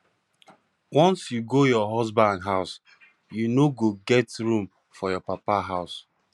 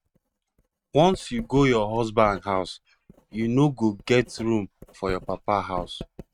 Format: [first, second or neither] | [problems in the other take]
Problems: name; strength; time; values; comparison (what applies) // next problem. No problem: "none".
first | noise reduction (neural mask model RNNoise)